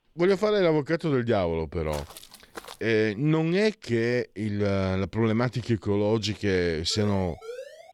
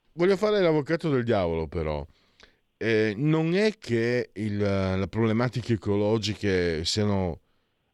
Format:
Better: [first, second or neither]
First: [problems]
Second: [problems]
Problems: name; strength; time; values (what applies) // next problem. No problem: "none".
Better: second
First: footsteps; faint; at 2 s; peak 15 dB below the speech // siren; faint; from 7 s on; peak 15 dB below the speech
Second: none